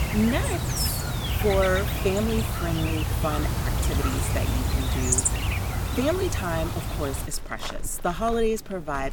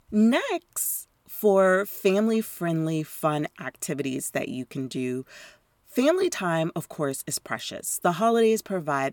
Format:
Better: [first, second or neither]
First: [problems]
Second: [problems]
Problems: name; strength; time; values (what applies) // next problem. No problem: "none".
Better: second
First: animal sounds; very loud; throughout; 2 dB above the speech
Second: none